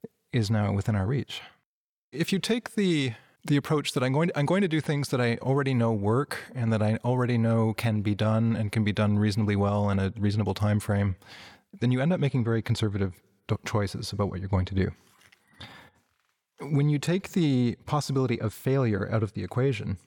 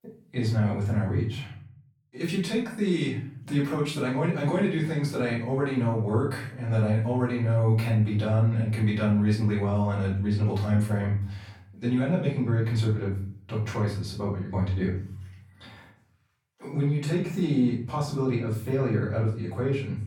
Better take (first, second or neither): first